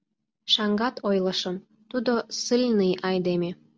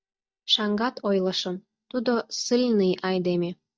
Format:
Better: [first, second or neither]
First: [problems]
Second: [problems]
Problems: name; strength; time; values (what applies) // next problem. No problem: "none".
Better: first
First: none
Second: noise reduction (neural mask model DeepFilterNet 3)